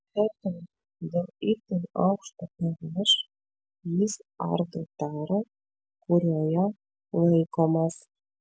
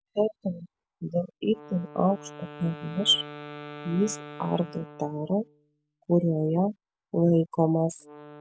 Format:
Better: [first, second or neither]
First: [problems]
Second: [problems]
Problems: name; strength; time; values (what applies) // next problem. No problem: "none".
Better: first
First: none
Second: background sound (Wind instrument, woodwind instrument); 18 dB below the speech